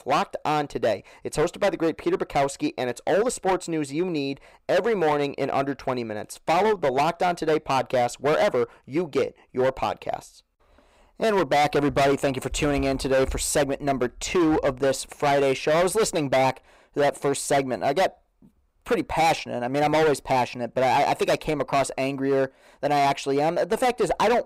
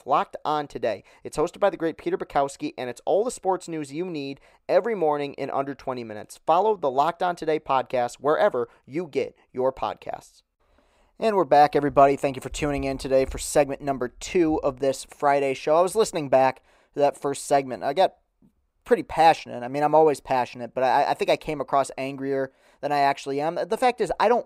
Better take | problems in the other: second | distortion; heavy; 14% of the sound clipped

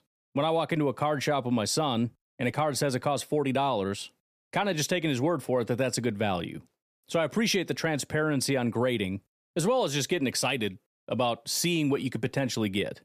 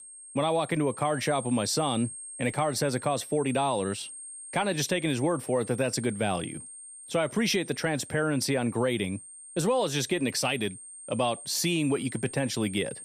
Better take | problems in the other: first | high-pitched whine; noticeable; throughout; 8.5 kHz, 15 dB below the speech

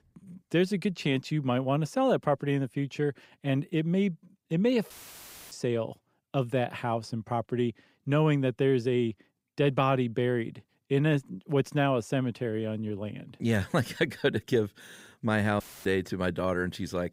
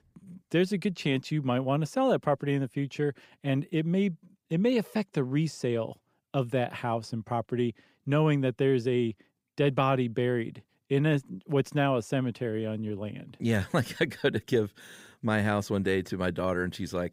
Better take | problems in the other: second | audio cutting out; filled with static; at 5 s for 0.5 s and at 16 s

